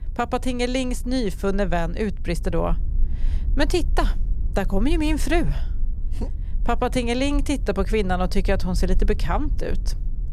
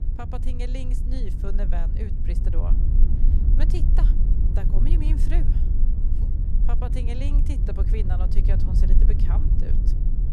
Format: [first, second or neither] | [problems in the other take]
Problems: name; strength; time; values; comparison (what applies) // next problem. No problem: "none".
first | low rumble; loud; throughout; 2 dB below the speech; faint in the first